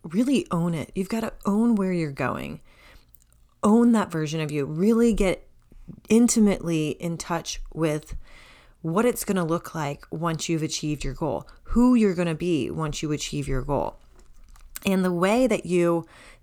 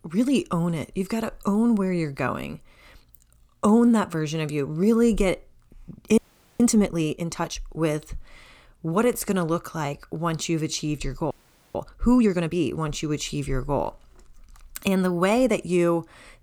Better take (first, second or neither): first